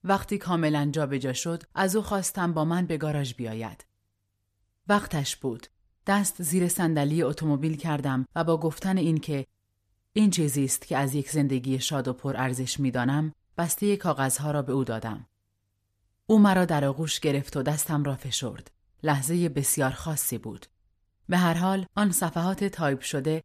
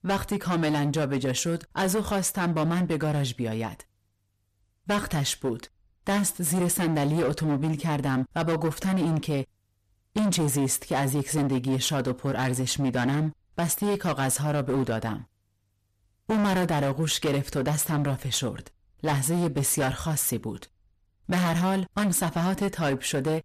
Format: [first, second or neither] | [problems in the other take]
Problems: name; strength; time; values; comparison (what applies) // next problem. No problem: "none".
first | distortion; heavy; 18% of the sound clipped